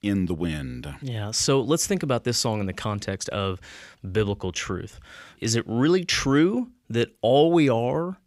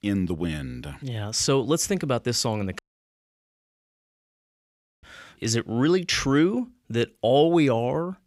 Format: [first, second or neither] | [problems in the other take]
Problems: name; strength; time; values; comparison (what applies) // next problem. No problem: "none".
first | audio cutting out; at 3 s for 2 s